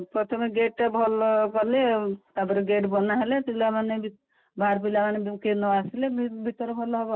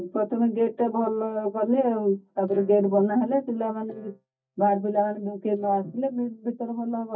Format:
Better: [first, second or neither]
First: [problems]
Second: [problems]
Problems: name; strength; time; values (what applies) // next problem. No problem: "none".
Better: first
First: none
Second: noise reduction (neural mask model DeepFilterNet 3)